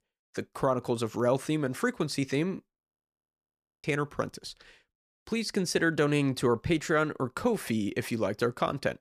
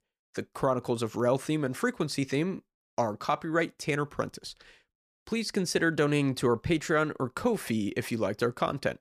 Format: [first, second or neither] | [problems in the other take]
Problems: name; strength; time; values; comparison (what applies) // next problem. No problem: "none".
second | audio freezing; at 3 s for 1 s